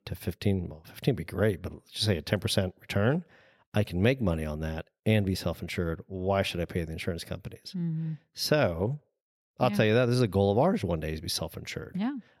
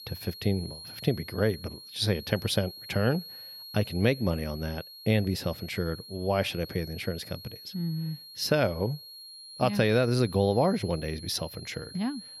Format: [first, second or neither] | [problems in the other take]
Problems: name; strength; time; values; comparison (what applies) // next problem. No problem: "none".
first | high-pitched whine; noticeable; throughout; 4.5 kHz, 15 dB below the speech